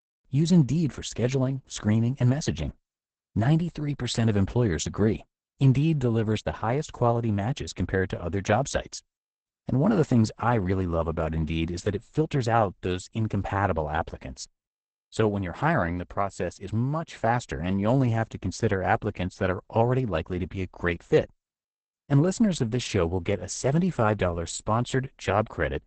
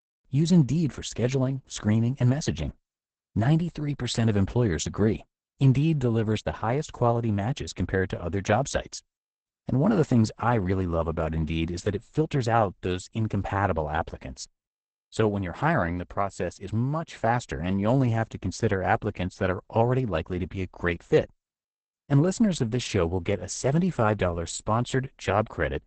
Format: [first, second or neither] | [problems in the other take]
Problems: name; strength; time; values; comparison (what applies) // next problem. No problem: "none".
neither | garbled, watery; badly; nothing above 8 kHz; the same in both